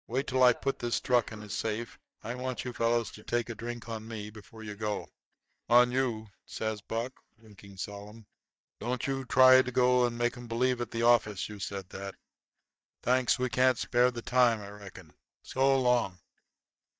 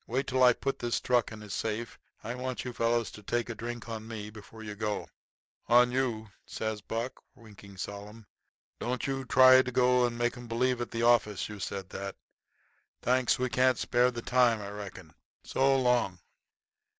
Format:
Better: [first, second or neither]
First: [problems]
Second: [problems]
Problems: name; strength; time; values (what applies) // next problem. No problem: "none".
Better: second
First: noise reduction (neural mask model DeepFilterNet 3)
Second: none